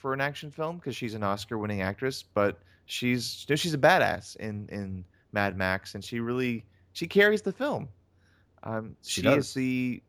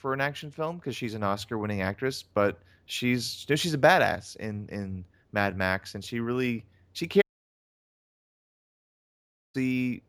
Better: first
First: none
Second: audio cutting out; at 7 s for 2.5 s

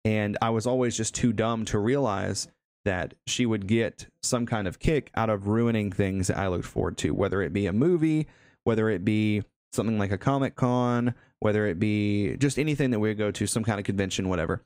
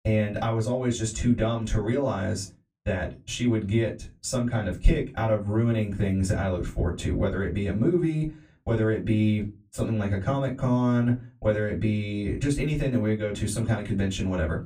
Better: first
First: none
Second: off-mic speech; far // room echo; very slight; dies away in 0.2 s

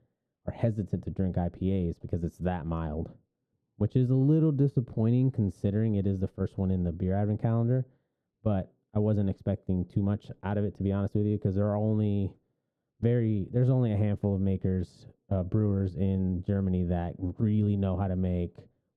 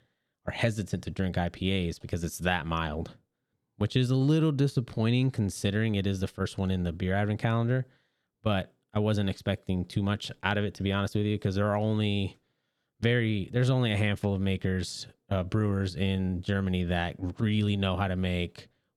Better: second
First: muffled; very; fading above 1 kHz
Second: none

